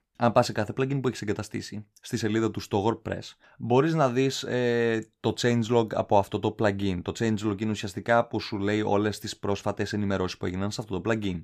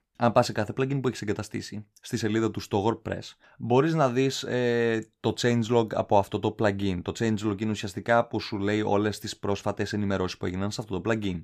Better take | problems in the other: neither | none

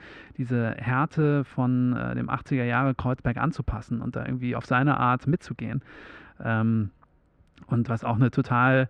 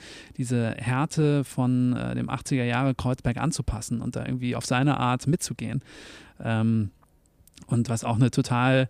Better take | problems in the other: second | muffled; very; fading above 2 kHz

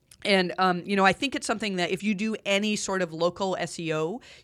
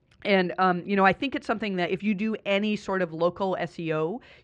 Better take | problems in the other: first | muffled; slightly; fading above 2.5 kHz

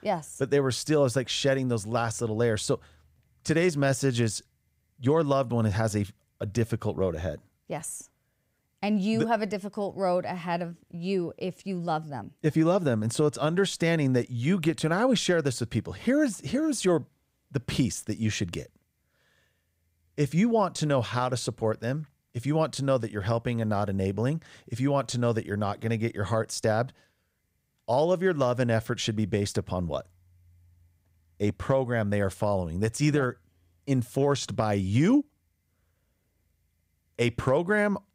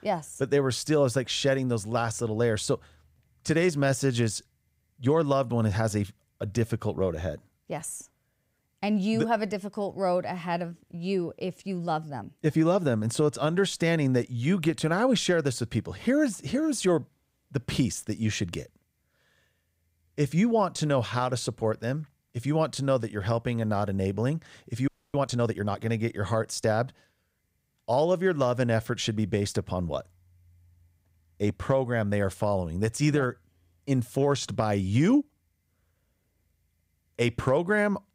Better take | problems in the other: first | audio freezing; at 25 s

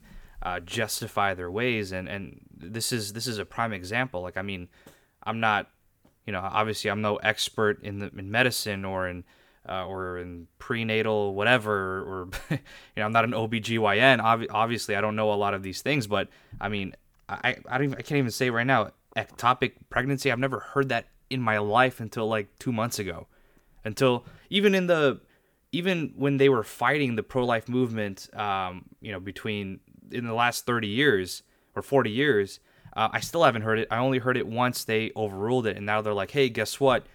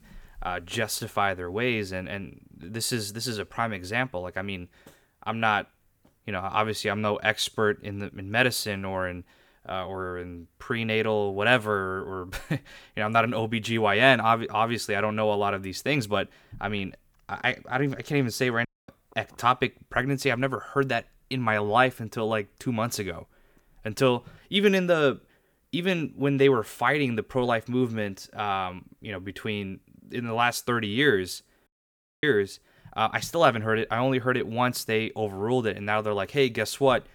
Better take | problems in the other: first | audio cutting out; at 19 s and at 32 s for 0.5 s

